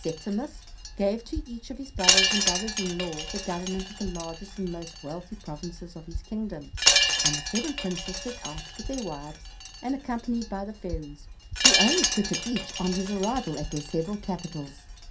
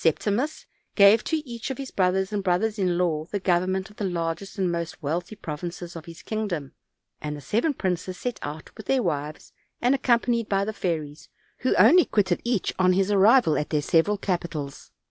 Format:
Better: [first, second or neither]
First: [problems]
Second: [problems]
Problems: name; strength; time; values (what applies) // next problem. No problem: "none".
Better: second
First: background sound (Wind chime); 3 dB above the speech // room echo; dies away in 0.3 s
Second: none